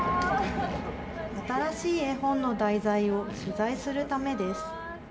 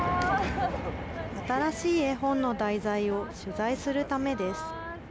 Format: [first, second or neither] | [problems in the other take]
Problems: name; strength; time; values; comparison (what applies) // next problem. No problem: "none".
second | background sound (Fart); 18 dB below the speech // room echo; dies away in 0.7 s